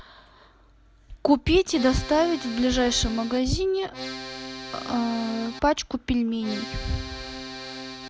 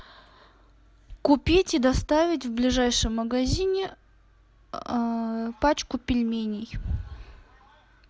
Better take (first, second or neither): second